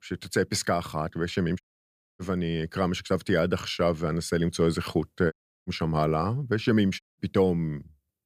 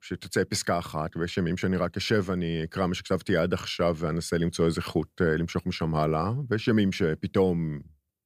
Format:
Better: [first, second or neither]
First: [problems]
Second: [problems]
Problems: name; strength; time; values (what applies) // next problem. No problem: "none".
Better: second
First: audio cutting out; at 1.5 s for 0.5 s, at 5.5 s and at 7 s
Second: none